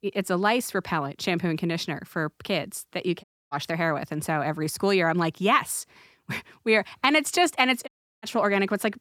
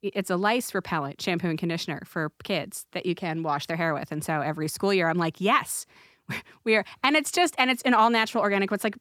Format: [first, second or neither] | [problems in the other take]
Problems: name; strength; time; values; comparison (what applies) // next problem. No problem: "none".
second | audio cutting out; at 3 s and at 8 s